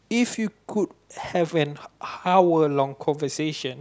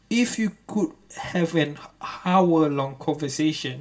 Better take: first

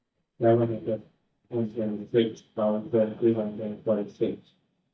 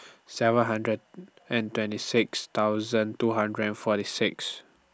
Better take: second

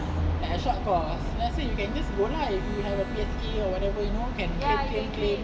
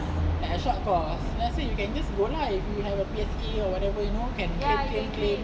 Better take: second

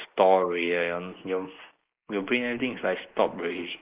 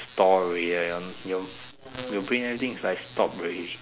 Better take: second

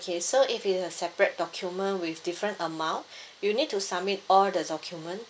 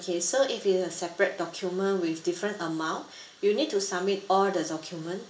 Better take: first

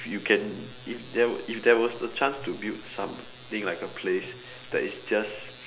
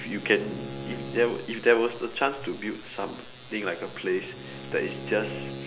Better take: first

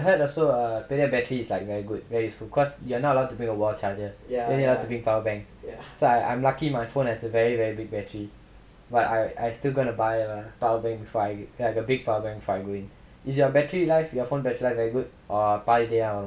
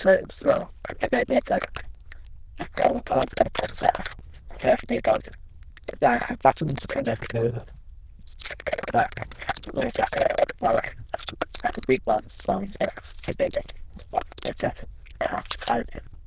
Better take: first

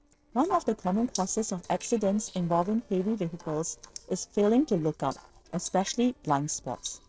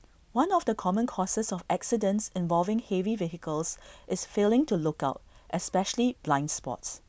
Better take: second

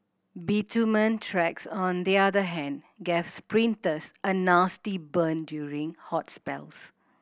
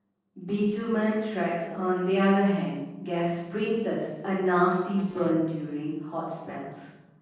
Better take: first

